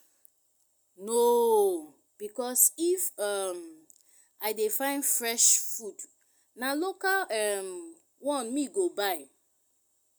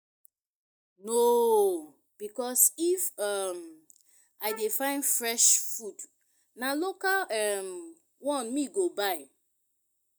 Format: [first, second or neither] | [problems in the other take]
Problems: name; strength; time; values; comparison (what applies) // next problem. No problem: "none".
first | noise reduction (neural mask model DeepFilterNet 3)